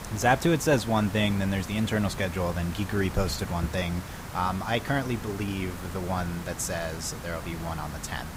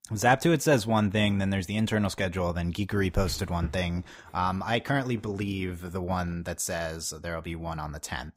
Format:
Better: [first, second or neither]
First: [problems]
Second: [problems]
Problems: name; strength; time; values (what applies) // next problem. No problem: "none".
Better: second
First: hiss; noticeable; throughout; 10 dB below the speech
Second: none